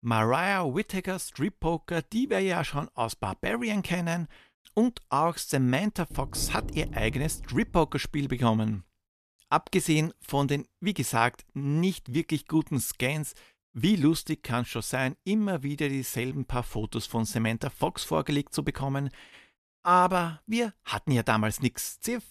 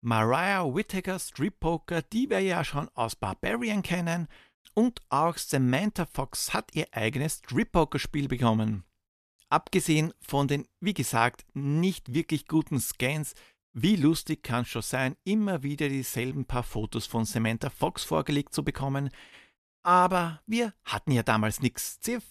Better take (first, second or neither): second